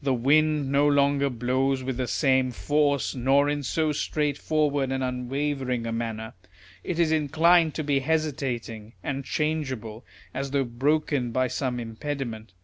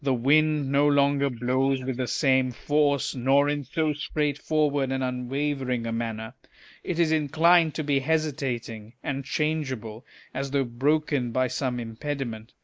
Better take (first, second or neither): first